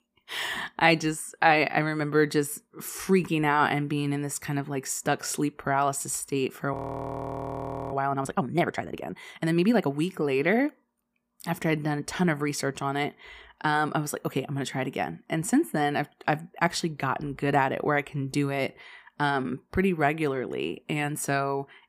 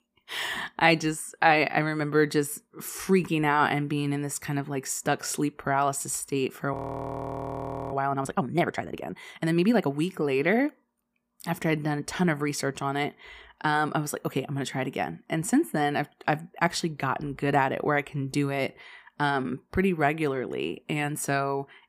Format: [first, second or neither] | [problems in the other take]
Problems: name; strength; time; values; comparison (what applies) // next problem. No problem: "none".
neither | audio freezing; at 6.5 s for 1 s; the same in both